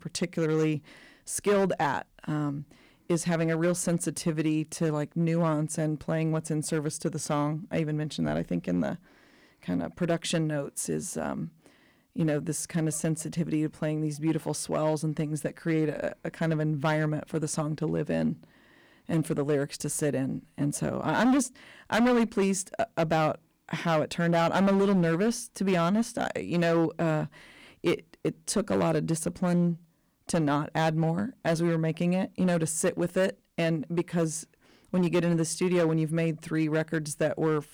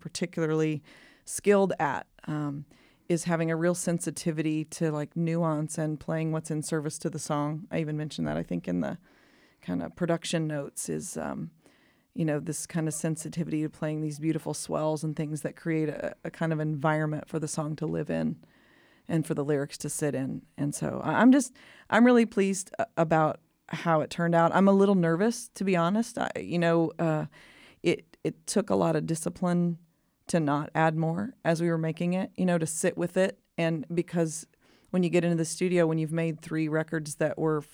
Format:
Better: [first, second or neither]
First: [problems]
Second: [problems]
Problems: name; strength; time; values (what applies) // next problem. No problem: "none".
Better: second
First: distortion; slight; 6% of the sound clipped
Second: none